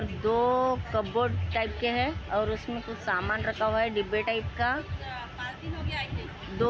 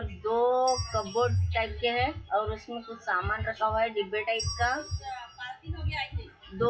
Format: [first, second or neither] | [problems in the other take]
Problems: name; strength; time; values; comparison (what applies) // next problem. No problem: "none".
first | noise reduction (classical method WPE with log-MMSE)